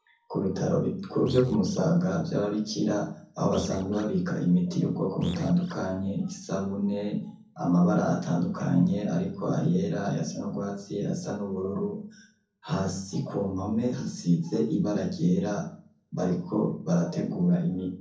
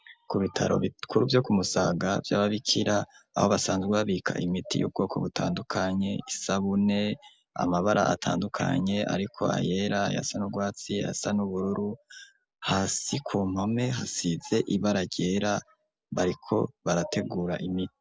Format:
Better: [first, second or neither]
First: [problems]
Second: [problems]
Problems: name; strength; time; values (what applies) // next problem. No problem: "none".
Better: second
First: noise reduction (neural separator model SepFormer DNS4)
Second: none